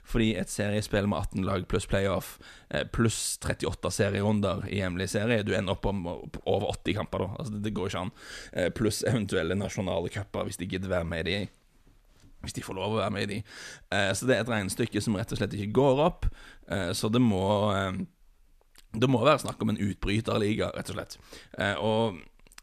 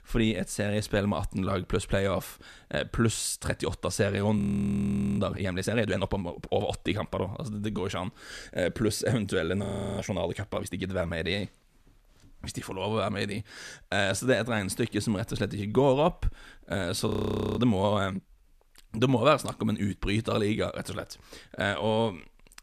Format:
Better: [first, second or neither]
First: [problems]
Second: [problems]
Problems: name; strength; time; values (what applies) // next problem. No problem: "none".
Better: first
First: none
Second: audio freezing; at 4.5 s for 1 s, at 9.5 s and at 17 s